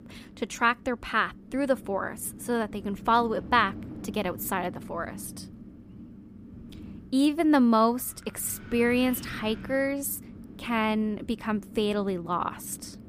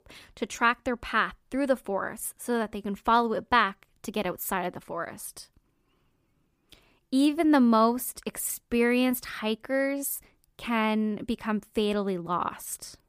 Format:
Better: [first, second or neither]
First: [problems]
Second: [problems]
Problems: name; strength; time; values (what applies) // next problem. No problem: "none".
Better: second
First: wind noise on the microphone; occasional gusts; 20 dB below the speech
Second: none